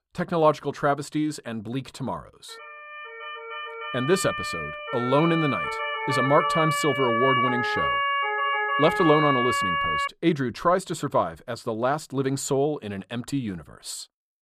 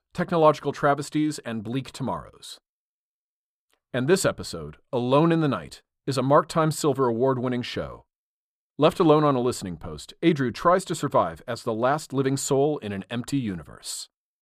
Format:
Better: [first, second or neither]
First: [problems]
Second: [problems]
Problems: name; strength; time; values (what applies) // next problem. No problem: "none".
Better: second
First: siren; loud; from 2.5 to 10 s; peak 4 dB above the speech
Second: none